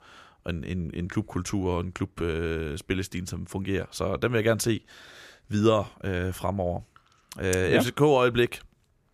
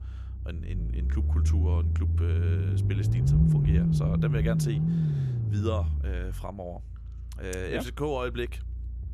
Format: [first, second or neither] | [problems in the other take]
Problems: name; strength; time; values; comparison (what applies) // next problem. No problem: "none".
first | low rumble; loud; throughout; as loud as the speech